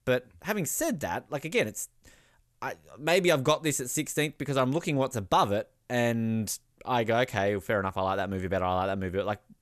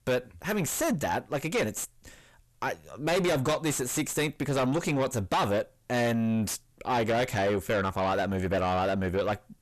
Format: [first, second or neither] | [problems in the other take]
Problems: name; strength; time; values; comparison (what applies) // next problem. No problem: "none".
first | distortion; heavy; 6 dB below the speech